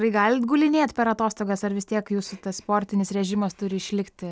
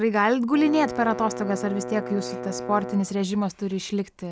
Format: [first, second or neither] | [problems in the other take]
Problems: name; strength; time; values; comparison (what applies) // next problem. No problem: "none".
first | background sound (Bowed string instrument); 10 dB below the speech